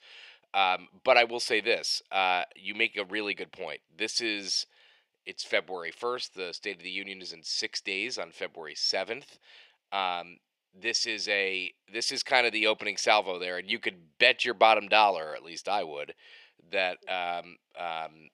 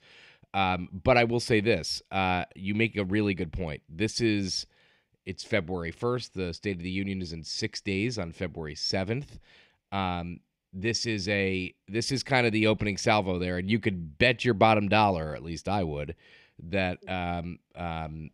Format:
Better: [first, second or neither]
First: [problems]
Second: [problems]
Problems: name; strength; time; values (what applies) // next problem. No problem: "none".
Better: second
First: thin; very; fading below 650 Hz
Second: none